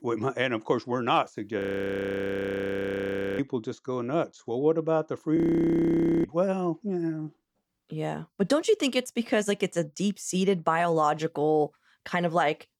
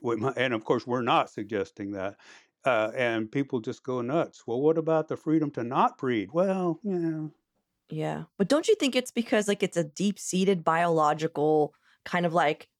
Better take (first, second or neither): second